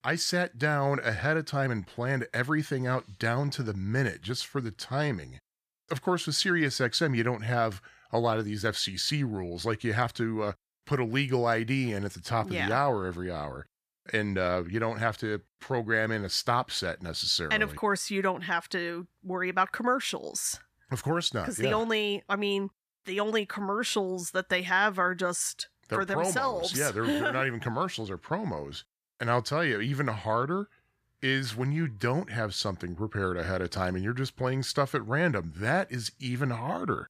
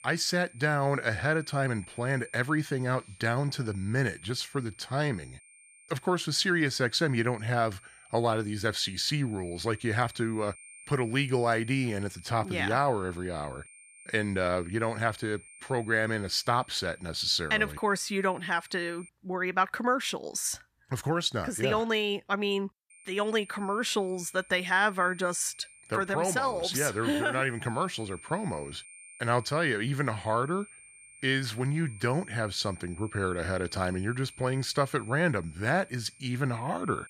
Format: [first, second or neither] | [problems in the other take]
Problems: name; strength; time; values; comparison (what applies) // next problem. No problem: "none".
first | high-pitched whine; faint; until 19 s and from 23 s on; 9 kHz, 20 dB below the speech